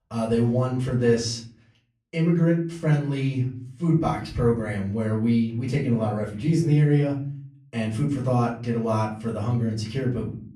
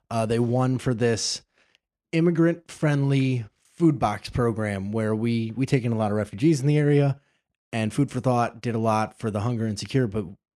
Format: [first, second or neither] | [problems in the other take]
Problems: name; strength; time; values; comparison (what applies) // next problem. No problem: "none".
second | room echo; slight; dies away in 0.5 s // off-mic speech; far